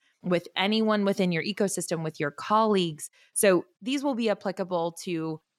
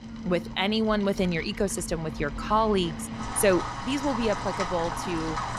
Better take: first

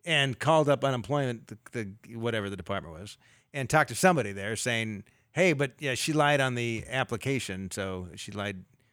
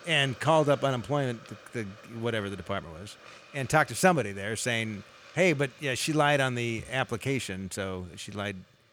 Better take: first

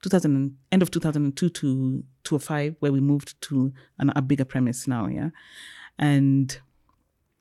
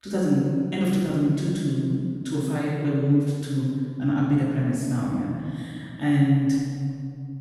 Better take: first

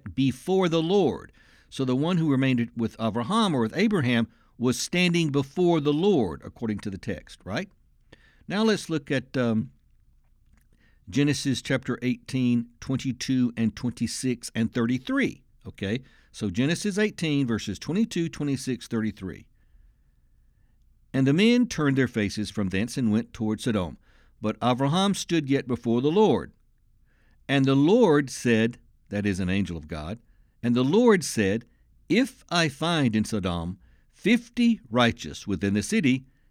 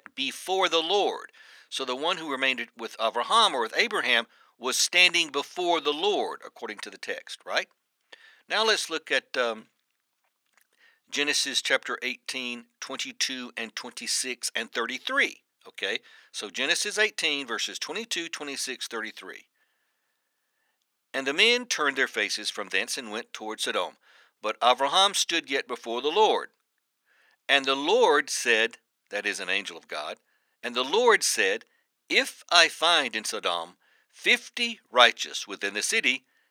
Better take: first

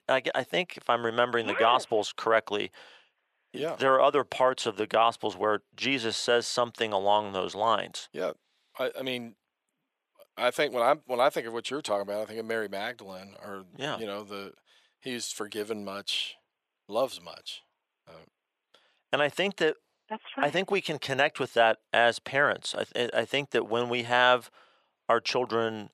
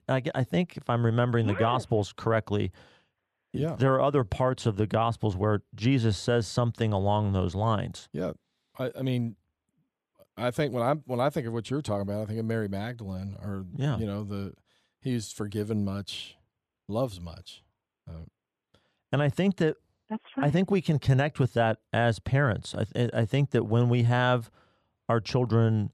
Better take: second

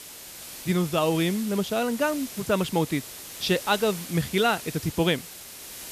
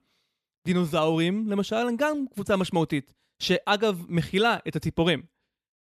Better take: second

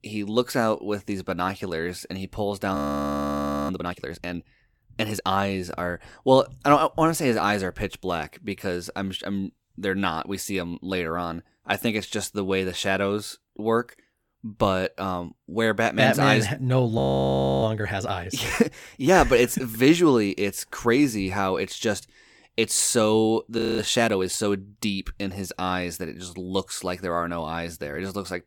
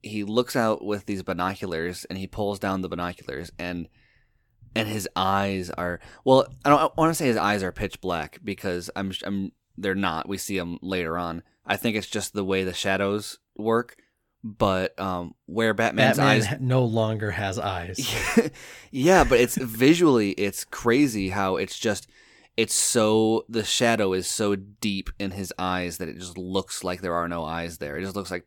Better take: second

